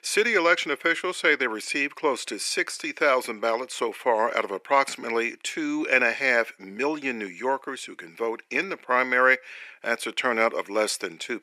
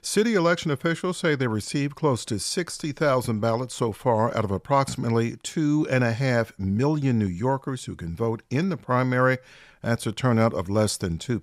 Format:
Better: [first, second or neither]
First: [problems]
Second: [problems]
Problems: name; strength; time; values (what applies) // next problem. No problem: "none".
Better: second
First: thin; somewhat; fading below 300 Hz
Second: none